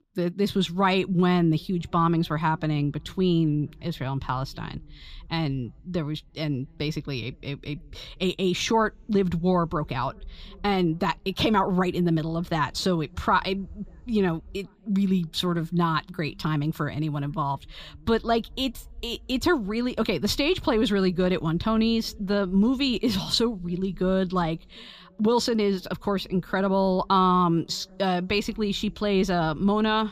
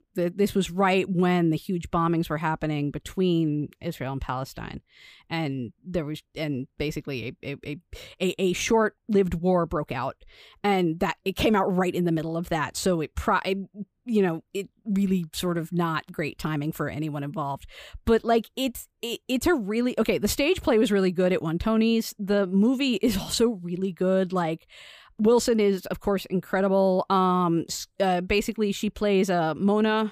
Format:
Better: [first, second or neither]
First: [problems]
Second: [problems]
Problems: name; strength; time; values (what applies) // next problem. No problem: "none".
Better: second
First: room echo; slight; dies away in 3 s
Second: none